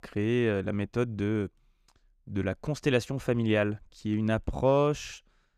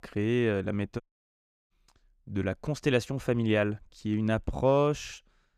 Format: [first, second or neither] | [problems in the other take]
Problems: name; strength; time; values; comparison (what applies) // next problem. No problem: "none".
first | audio cutting out; at 1 s for 0.5 s